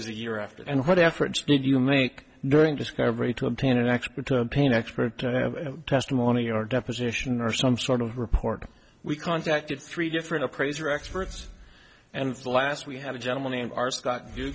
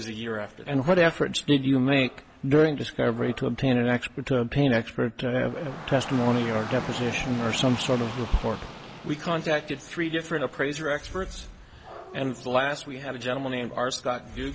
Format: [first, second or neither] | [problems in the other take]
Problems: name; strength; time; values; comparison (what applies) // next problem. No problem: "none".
first | background sound (Rain / Dog); 15 dB below the speech